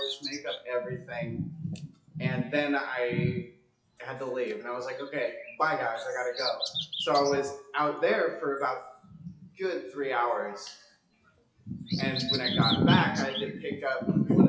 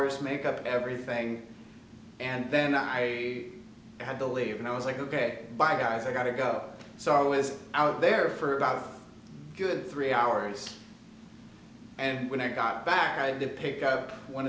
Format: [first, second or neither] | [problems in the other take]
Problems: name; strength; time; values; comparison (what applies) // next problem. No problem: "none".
second | noise reduction (classical method WPE with log-MMSE)